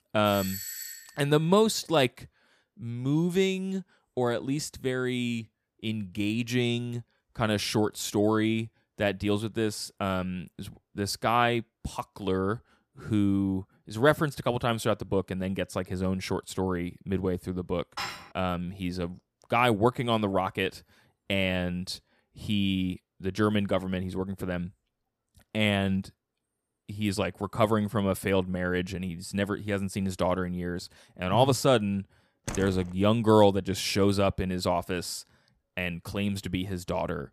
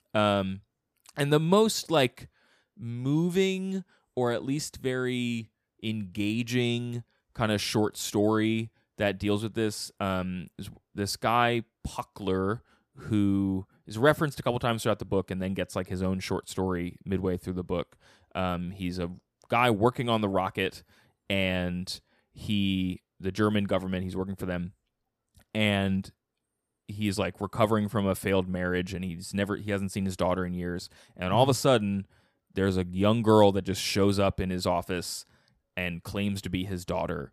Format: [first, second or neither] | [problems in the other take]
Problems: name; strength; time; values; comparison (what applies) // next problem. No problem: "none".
second | doorbell; noticeable; at 0.5 s; peak 6 dB below the speech // clattering dishes; noticeable; at 18 s; peak 7 dB below the speech // door banging; noticeable; at 32 s; peak 9 dB below the speech